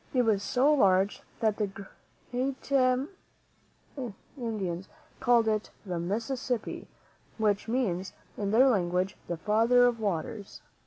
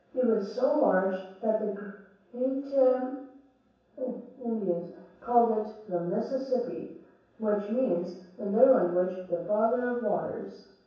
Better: first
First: none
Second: room echo; dies away in 0.7 s

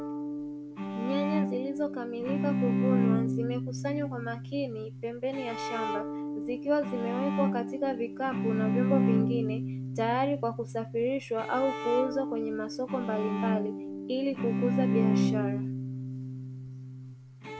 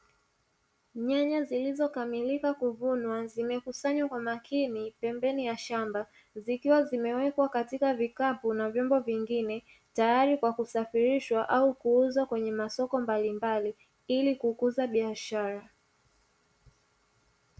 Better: second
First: background sound (Bowed string instrument); 2 dB above the speech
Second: none

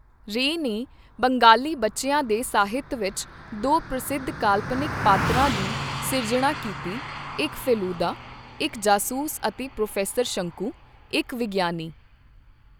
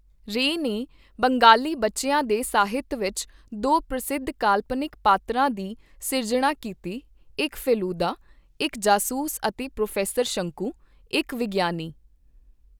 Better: second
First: background sound (Car passing by); 9 dB below the speech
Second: none

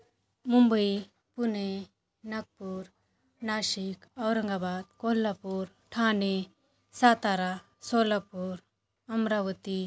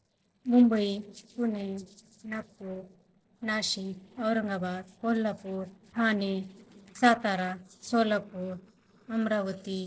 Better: first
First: none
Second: noise reduction (neural separator model SepFormer DNS4)

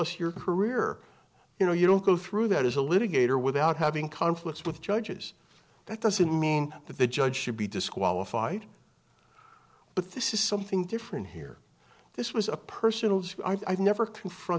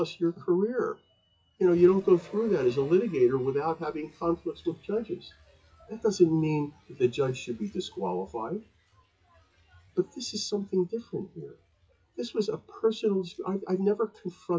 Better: first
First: none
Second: noise reduction (classical method WPE with log-MMSE)

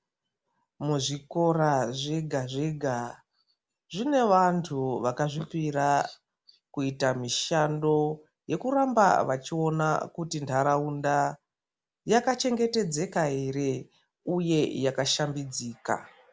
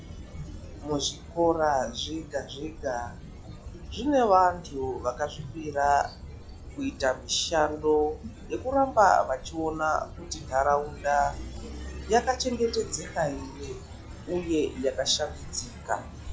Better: first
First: none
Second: noise reduction (classical method log-MMSE)

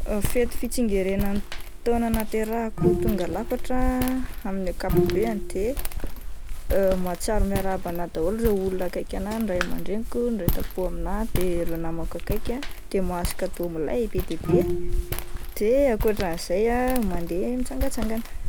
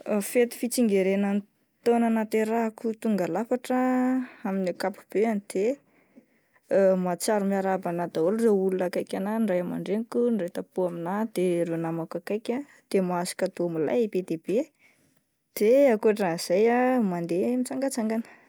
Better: second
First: background sound (Walk, footsteps + Bowed string instrument); 1 dB above the speech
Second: none

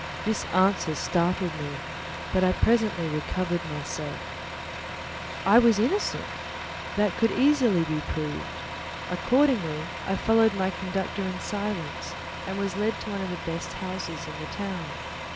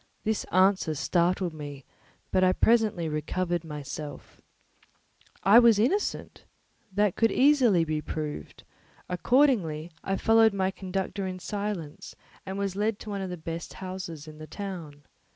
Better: second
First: background sound (Truck); 8 dB below the speech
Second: none

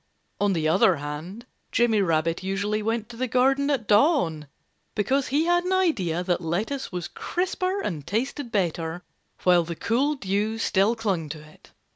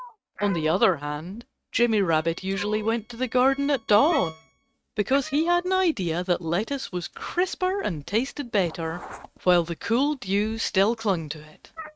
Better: first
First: none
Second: noise reduction (neural mask model RNNoise)

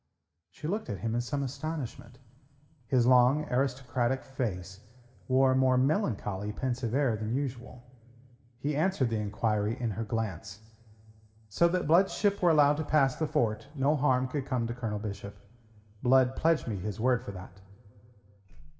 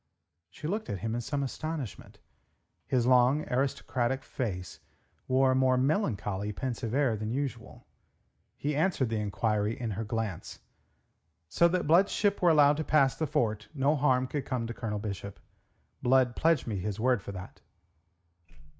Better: second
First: room echo; dies away in 2.3 s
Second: none

